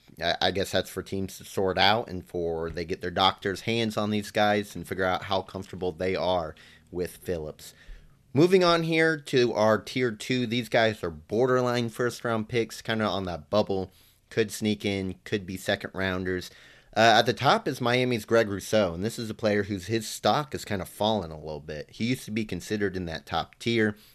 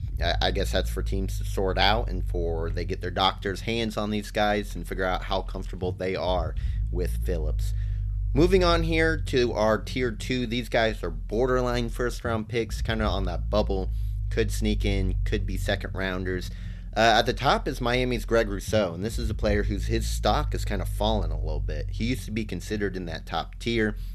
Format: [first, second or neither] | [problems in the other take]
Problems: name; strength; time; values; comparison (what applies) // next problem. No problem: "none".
first | low rumble; faint; throughout; 25 dB below the speech